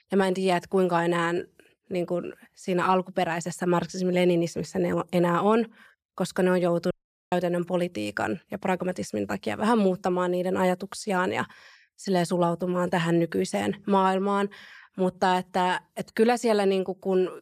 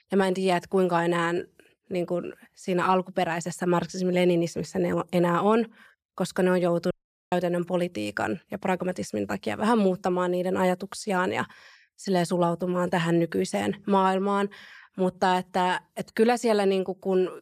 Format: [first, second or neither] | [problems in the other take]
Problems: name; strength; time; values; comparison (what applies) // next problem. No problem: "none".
neither | audio cutting out; at 7 s; the same in both